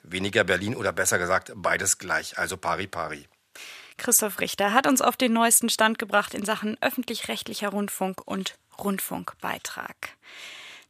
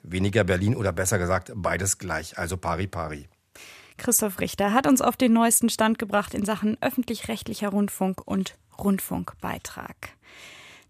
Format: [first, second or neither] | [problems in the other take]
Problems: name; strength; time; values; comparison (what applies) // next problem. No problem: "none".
second | thin; very slightly; fading below 800 Hz